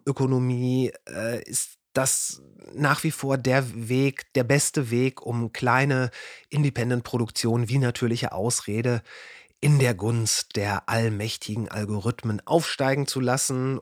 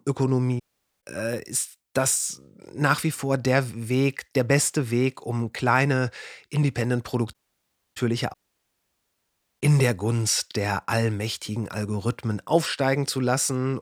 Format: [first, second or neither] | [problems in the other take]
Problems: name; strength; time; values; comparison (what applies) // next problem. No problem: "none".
first | audio cutting out; at 0.5 s, at 7.5 s for 0.5 s and at 8.5 s for 1.5 s